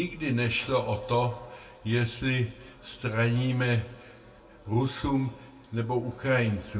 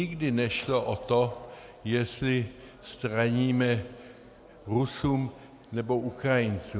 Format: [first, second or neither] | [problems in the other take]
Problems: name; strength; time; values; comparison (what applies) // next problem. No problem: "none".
second | room echo; dies away in 0.2 s